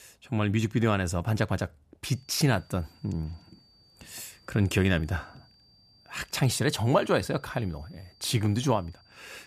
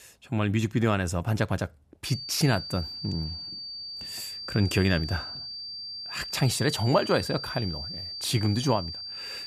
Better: first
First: high-pitched whine; faint; from 2 s on; 4.5 kHz, 30 dB below the speech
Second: high-pitched whine; loud; from 2 s on; 4.5 kHz, 8 dB below the speech

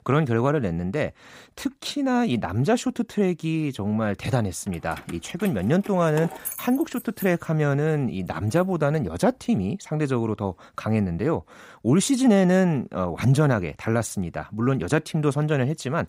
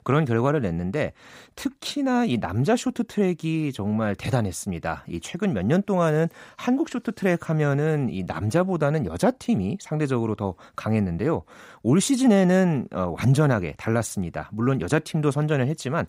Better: second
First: jangling keys; noticeable; from 4.5 to 9 s; peak 7 dB below the speech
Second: none

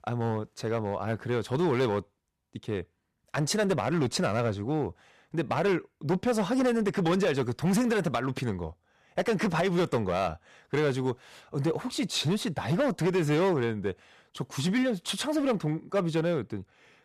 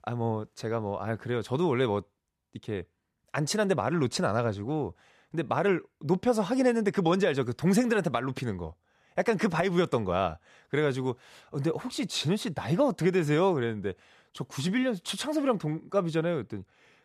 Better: second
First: distortion; slight; 7% of the sound clipped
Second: none

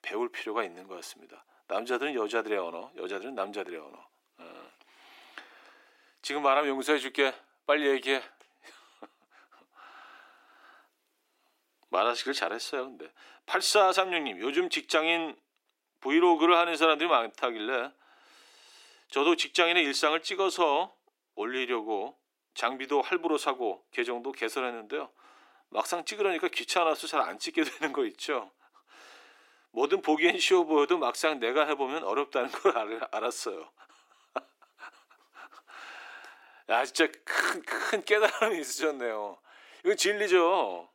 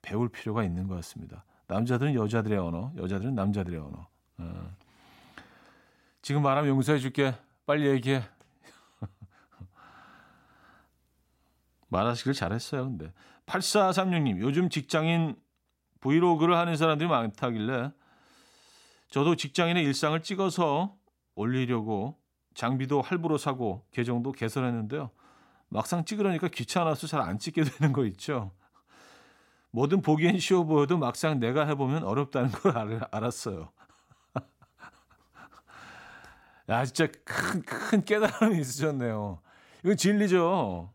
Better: second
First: thin; very; fading below 350 Hz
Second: none

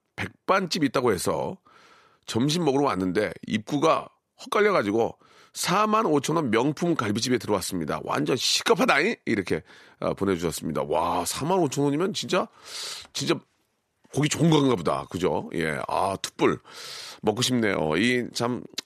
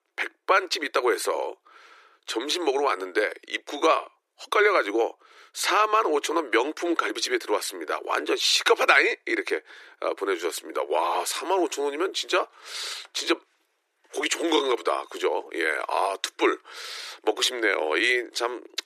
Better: first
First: none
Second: thin; very; fading below 350 Hz

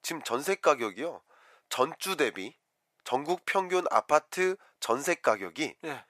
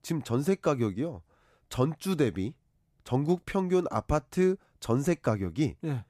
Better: second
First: thin; very; fading below 700 Hz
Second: none

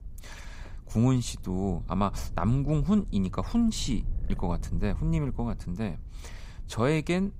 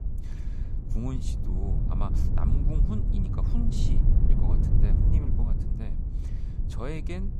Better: first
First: low rumble; faint; throughout; 25 dB below the speech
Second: low rumble; loud; throughout; 1 dB below the speech

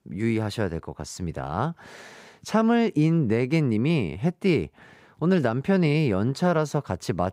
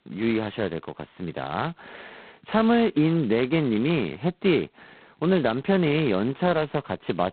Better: first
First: none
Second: phone-call audio; poor line; nothing above 4 kHz

